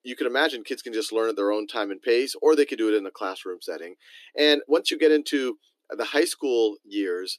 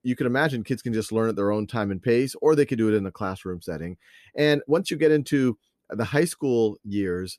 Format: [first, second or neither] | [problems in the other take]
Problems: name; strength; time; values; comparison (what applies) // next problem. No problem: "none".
second | thin; somewhat; fading below 300 Hz